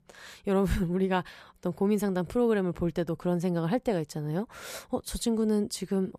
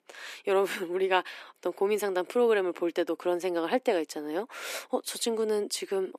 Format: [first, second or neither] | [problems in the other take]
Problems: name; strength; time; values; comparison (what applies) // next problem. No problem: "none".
first | thin; very; fading below 300 Hz